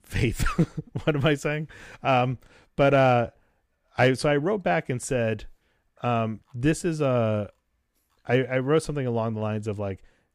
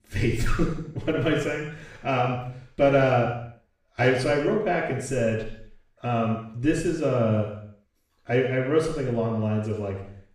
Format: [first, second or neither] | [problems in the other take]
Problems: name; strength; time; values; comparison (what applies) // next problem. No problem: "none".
first | room echo; noticeable; dies away in 0.6 s // off-mic speech; far